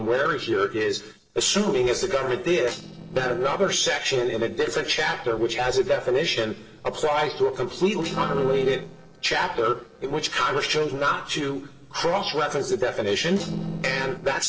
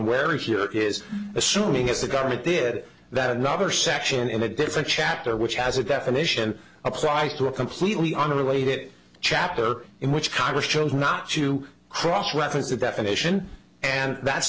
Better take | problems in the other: second | noise reduction (neural separator model SepFormer DNS4)

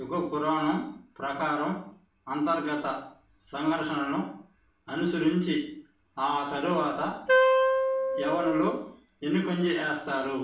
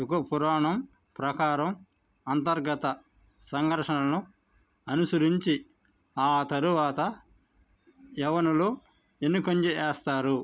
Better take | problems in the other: second | background sound (Wind instrument, woodwind instrument); 3 dB above the speech // room echo; dies away in 0.5 s

